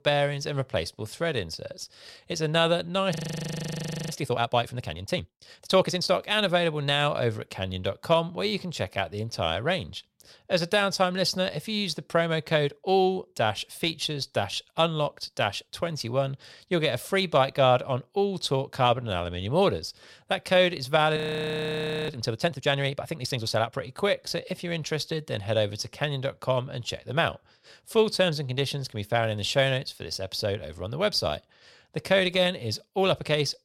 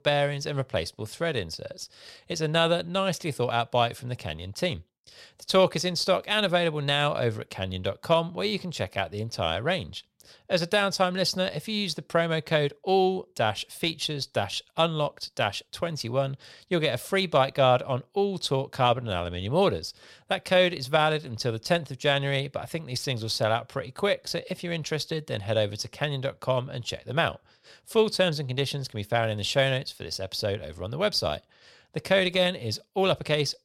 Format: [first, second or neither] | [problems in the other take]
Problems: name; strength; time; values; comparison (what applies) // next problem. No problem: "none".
second | audio freezing; at 3 s for 1 s and at 21 s for 1 s